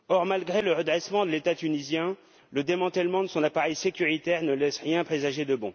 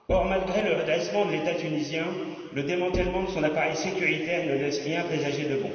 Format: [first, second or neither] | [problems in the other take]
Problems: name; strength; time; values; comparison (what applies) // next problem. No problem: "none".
first | background sound (Knock); 14 dB below the speech // room echo; dies away in 2.5 s